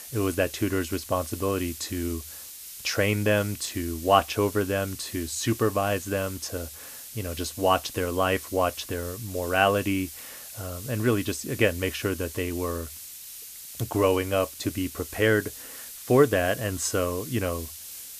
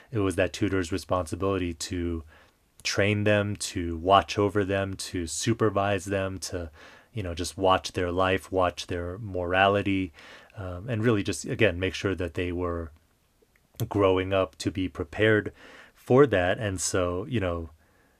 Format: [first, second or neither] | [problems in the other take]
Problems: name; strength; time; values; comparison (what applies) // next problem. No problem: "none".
second | hiss; noticeable; throughout; 10 dB below the speech